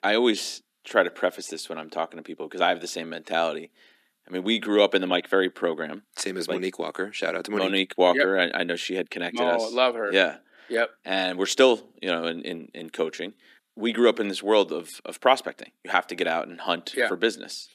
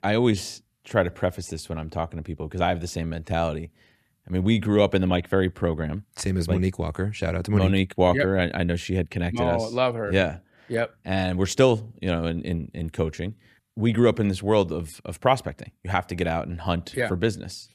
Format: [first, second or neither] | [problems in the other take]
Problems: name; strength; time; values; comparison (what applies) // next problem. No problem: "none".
second | thin; somewhat; fading below 250 Hz